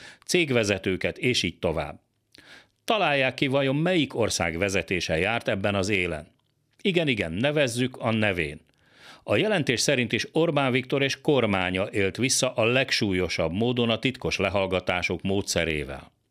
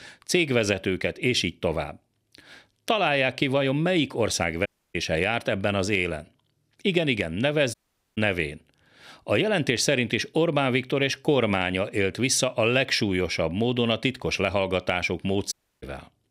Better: first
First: none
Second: audio cutting out; at 4.5 s, at 7.5 s and at 16 s

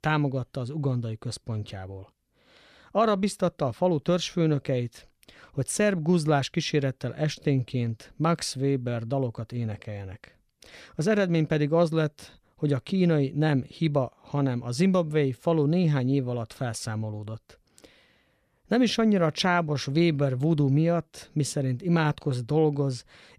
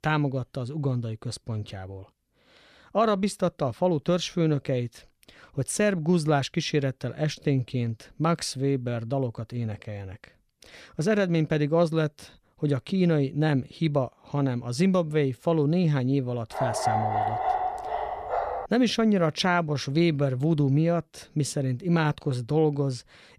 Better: first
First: none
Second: dog barking; loud; from 17 to 19 s; peak level with the speech

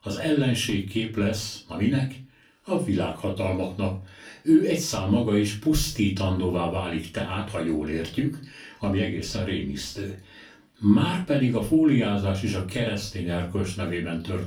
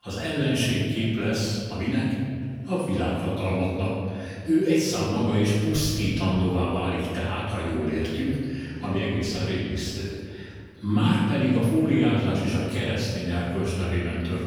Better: first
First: room echo; slight; dies away in 0.3 s // off-mic speech; far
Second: room echo; strong; dies away in 2 s // off-mic speech; far

